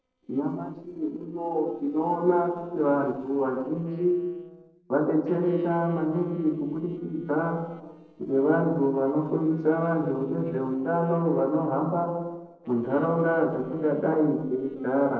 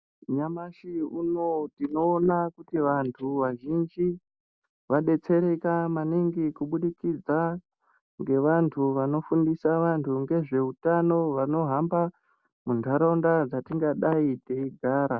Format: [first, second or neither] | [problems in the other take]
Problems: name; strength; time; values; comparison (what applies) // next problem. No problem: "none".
second | noise reduction (neural separator model SepFormer DNS4)